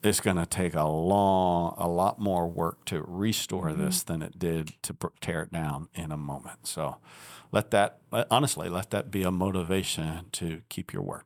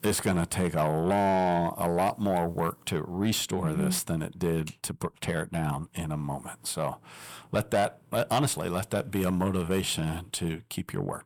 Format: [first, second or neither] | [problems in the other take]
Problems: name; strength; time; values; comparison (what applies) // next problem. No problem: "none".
first | distortion; slight; 10 dB below the speech